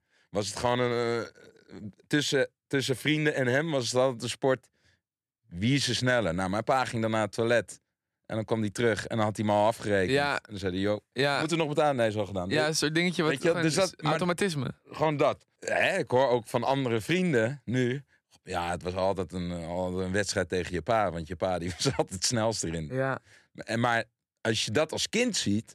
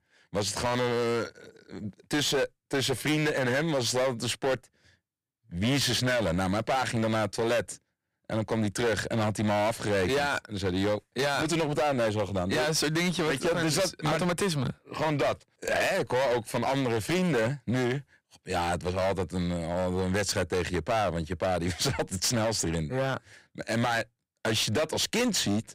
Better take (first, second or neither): first